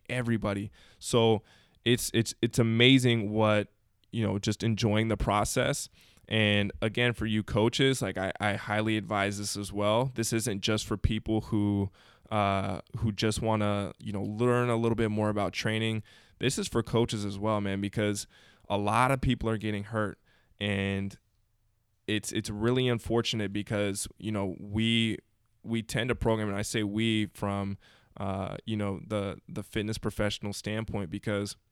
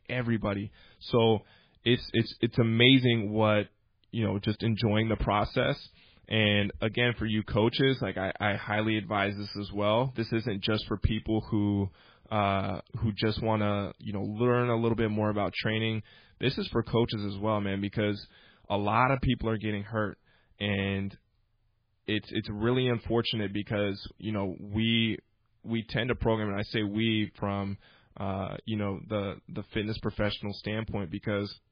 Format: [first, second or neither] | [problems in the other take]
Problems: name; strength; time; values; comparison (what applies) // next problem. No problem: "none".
first | garbled, watery; badly; nothing above 5 kHz